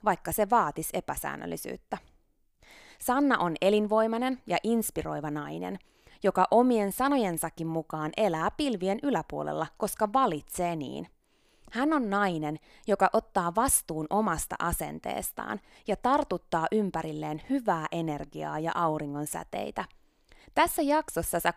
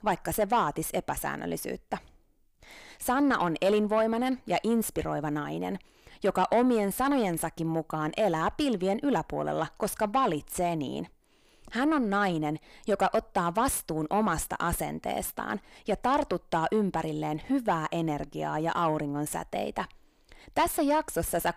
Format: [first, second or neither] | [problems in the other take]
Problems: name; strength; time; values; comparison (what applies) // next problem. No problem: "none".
first | distortion; slight; 10 dB below the speech